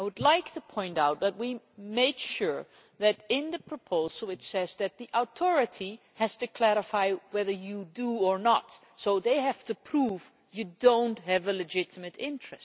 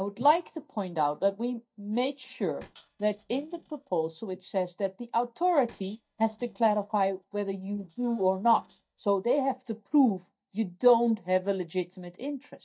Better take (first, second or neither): first